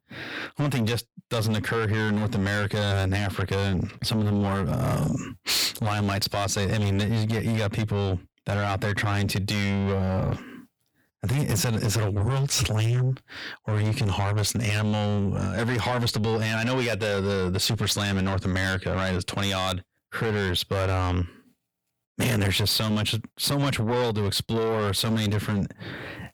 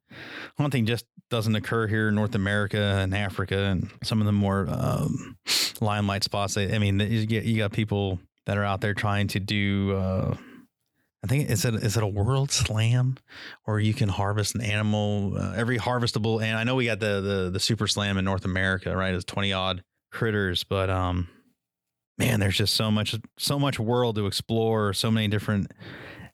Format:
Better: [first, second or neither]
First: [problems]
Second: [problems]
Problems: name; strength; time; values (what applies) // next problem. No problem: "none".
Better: second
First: distortion; heavy; 8 dB below the speech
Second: none